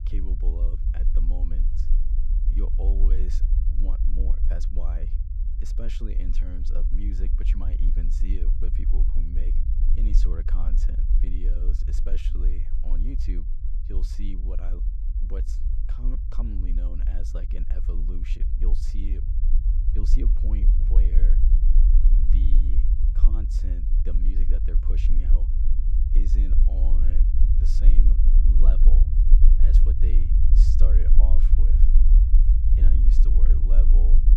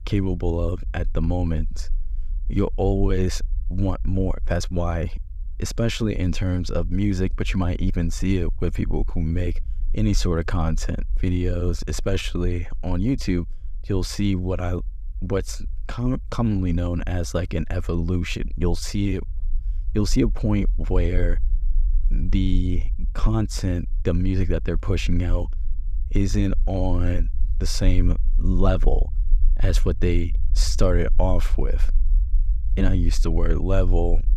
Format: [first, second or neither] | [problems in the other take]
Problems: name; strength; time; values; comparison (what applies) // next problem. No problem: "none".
second | low rumble; loud; throughout; 1 dB below the speech; faint in the second